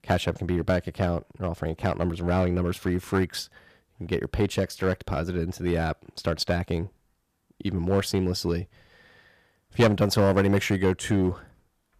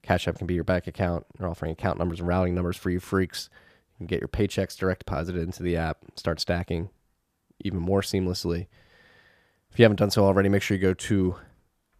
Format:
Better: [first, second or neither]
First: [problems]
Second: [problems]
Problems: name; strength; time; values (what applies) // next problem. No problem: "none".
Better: second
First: distortion; slight; 3% of the sound clipped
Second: none